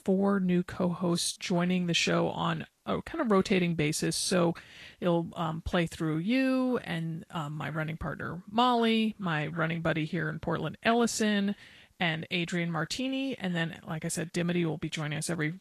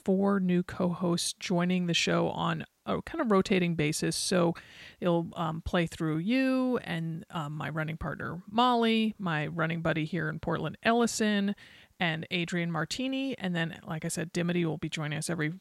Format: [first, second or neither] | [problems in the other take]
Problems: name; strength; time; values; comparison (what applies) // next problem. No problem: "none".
second | garbled, watery; slightly; nothing above 11.5 kHz